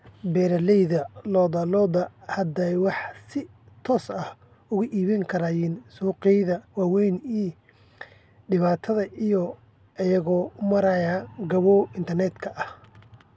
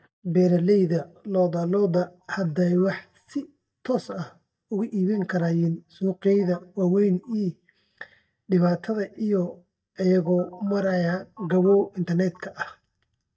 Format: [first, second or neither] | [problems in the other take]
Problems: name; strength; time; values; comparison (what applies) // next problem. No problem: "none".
first | noise reduction (neural mask model DeepFilterNet 3)